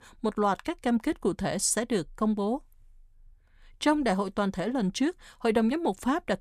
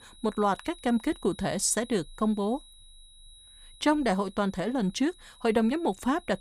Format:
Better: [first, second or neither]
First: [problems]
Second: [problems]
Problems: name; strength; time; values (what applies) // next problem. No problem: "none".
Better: first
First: none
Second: high-pitched whine; faint; throughout; 4 kHz, 25 dB below the speech